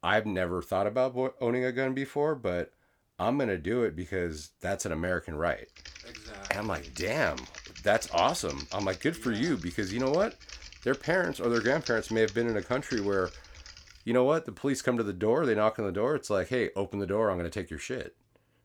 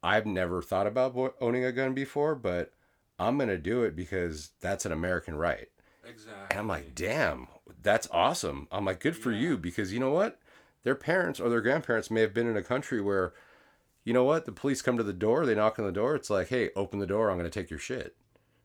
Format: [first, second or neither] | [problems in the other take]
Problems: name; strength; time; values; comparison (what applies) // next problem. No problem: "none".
second | keyboard typing; noticeable; from 6 to 14 s; peak 10 dB below the speech